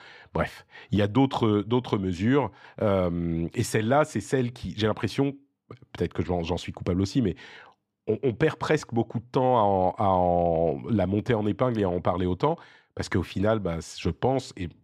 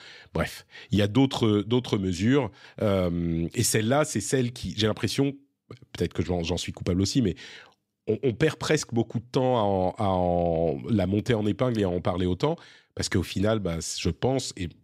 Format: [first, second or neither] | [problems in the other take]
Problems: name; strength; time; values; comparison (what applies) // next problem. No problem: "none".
second | muffled; slightly; fading above 3.5 kHz